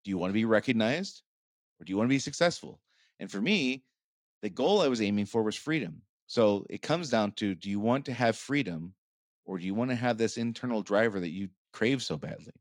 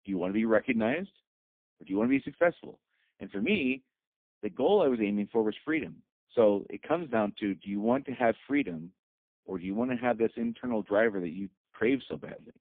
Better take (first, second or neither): first